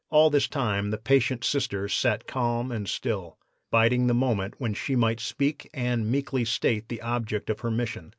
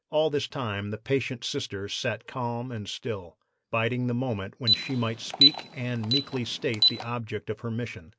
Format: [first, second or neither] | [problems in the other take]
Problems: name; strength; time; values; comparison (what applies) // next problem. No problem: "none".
first | background sound (Alarm); 2 dB above the speech